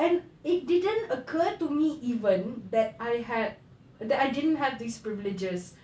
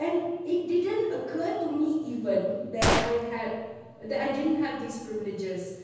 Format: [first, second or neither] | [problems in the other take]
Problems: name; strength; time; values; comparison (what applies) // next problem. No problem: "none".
first | background sound (Gunshot, gunfire); 3 dB below the speech // room echo; dies away in 1.1 s